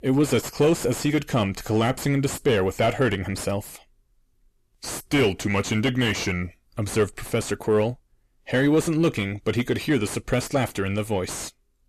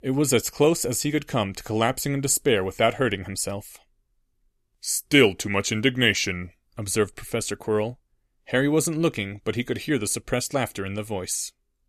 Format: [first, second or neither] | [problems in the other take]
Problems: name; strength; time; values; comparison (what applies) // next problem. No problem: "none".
second | distortion; heavy; 6 dB below the speech